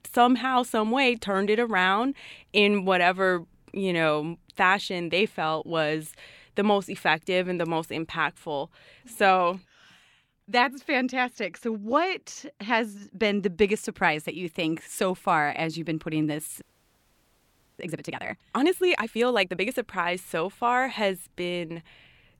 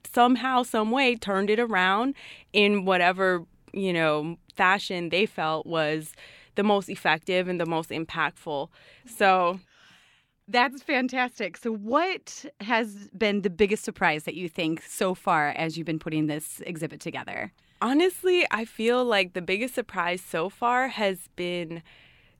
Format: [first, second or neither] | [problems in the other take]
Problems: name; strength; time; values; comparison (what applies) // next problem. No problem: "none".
second | audio freezing; at 17 s for 1 s